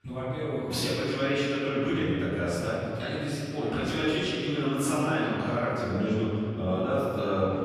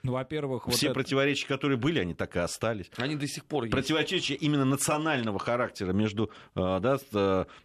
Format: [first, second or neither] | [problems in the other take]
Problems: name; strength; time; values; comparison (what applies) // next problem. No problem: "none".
second | off-mic speech; far // room echo; strong; dies away in 2.3 s